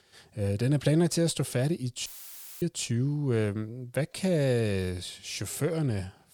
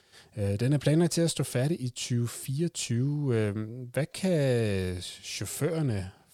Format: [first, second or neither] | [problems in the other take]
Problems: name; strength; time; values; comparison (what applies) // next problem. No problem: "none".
second | audio cutting out; filled with static; at 2 s for 0.5 s